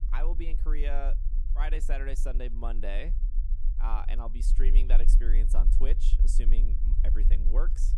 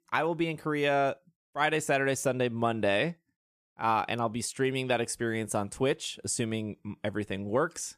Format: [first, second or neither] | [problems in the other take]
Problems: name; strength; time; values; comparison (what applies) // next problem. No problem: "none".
second | low rumble; noticeable; throughout; 10 dB below the speech